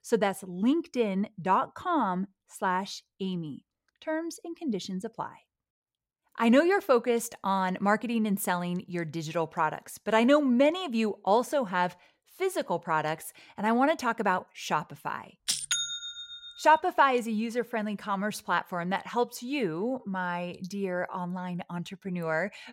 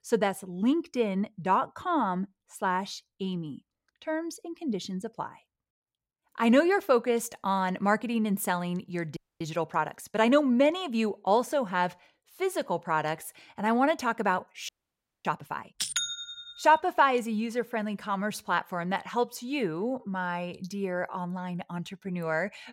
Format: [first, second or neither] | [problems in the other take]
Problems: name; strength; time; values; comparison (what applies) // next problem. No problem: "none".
first | audio freezing; at 9 s and at 15 s for 0.5 s